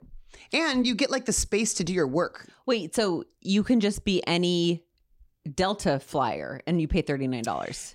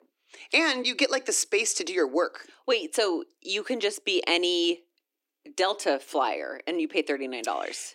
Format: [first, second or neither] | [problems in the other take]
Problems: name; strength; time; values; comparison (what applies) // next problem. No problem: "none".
first | thin; somewhat; fading below 300 Hz